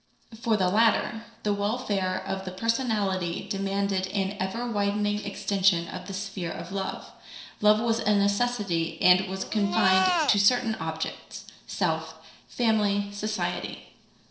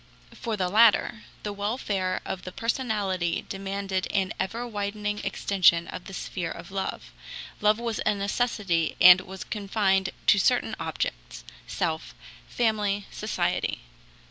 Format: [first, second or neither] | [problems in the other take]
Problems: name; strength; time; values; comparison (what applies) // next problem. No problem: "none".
second | noise reduction (neural separator model SepFormer DNS4)